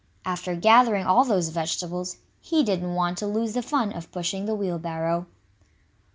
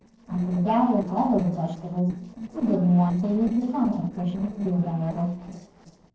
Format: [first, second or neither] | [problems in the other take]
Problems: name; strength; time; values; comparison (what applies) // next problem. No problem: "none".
first | noise reduction (neural separator model SepFormer DNS4)